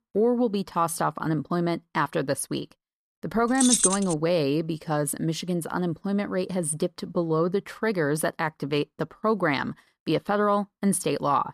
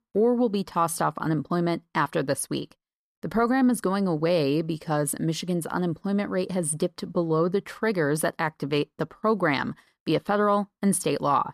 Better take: second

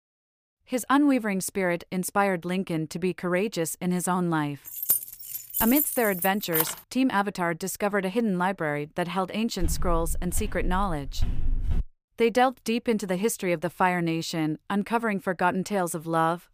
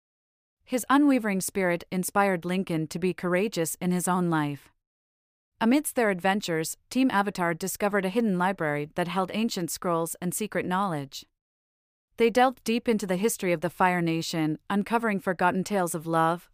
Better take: second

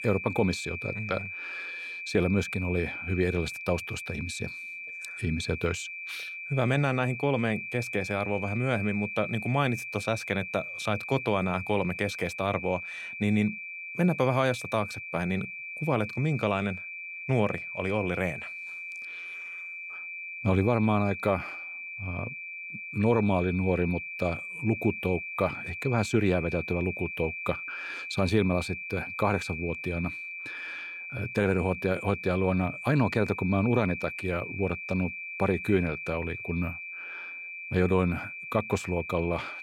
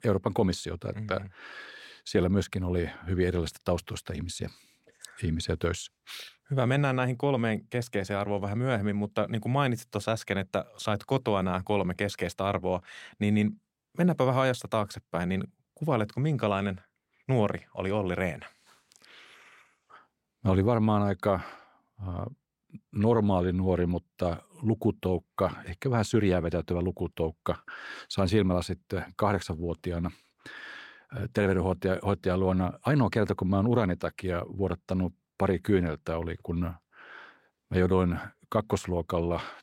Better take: second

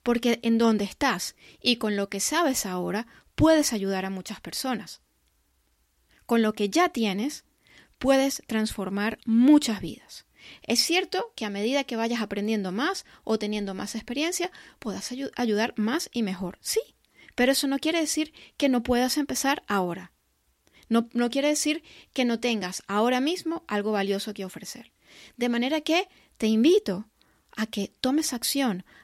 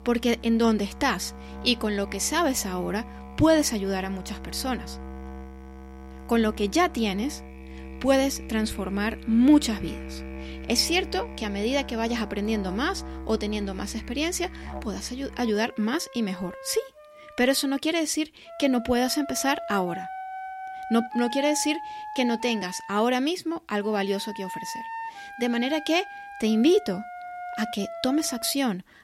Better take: first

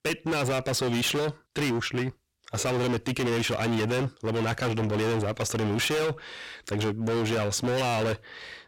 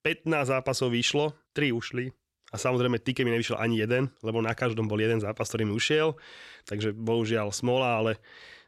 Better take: second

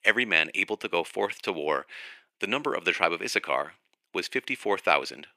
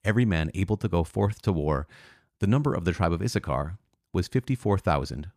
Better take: second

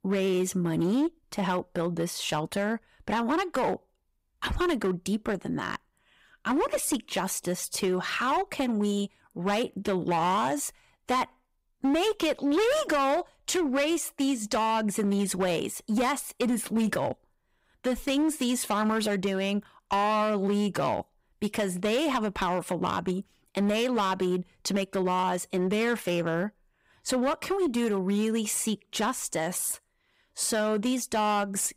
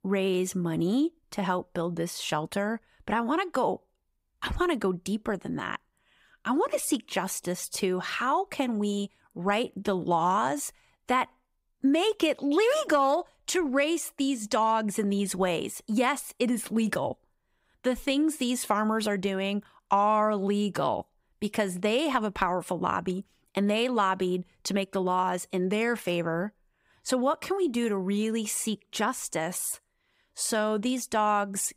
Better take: second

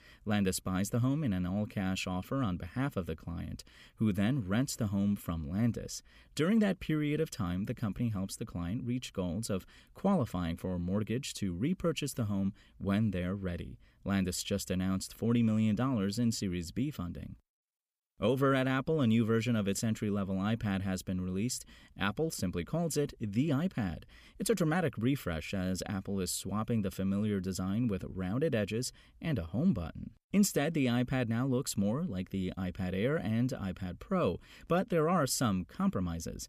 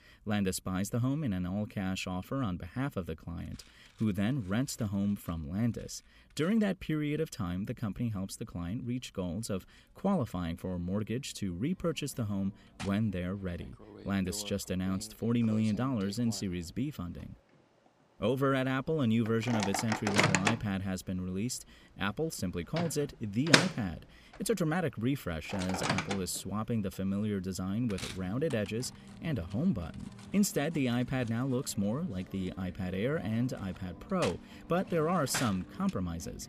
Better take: first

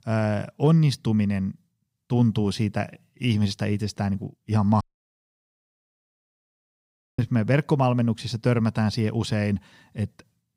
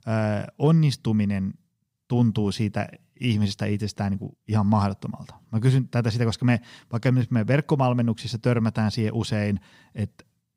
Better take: second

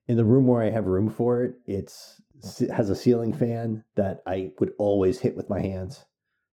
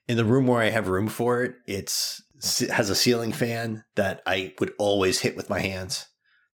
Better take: second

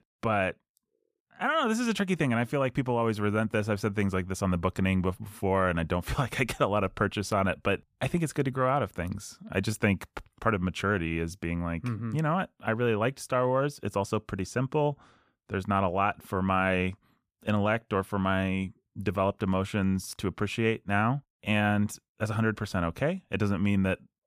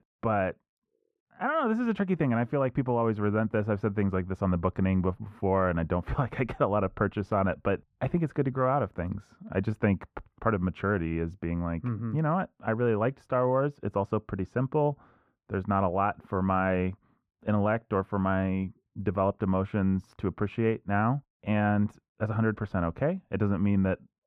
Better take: first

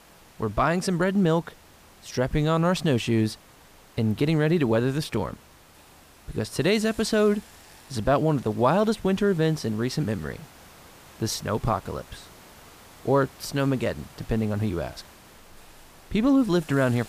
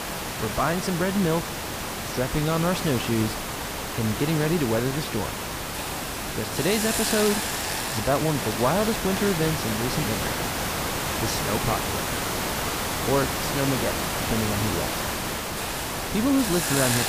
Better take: first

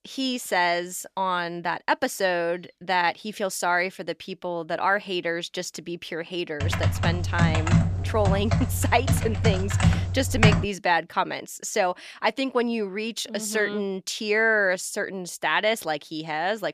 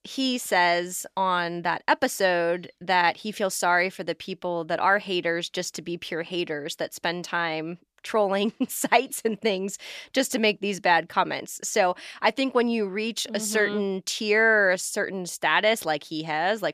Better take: second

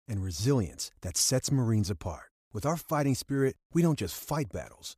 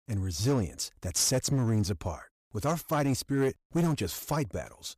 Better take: first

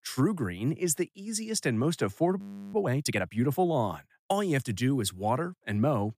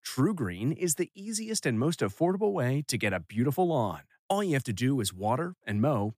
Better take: second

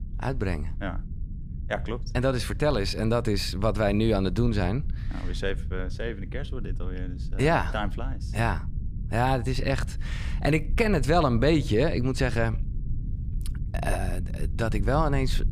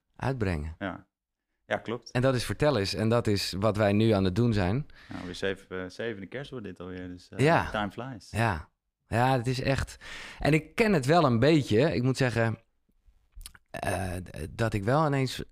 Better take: second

